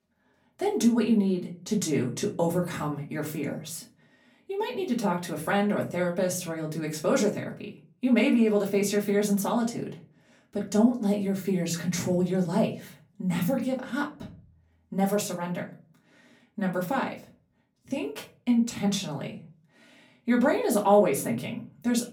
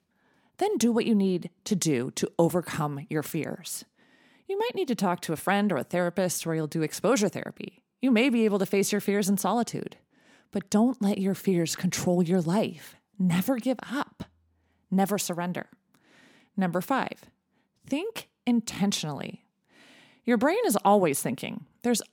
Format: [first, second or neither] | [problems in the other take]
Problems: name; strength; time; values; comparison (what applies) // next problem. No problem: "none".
second | off-mic speech; far // room echo; very slight; dies away in 0.4 s